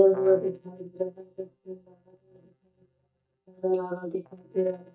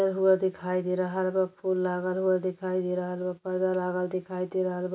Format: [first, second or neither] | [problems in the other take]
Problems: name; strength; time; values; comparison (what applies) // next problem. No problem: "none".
second | noise reduction (neural mask model DeepFilterNet 3)